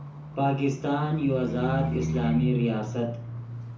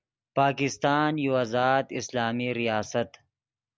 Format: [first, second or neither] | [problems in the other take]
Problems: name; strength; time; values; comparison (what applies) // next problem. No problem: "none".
second | background sound (Livestock, farm animals, working animals); 3 dB below the speech // room echo; dies away in 0.6 s